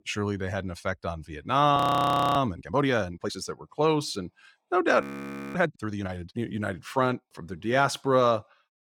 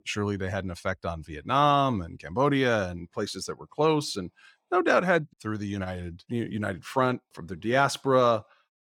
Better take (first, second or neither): second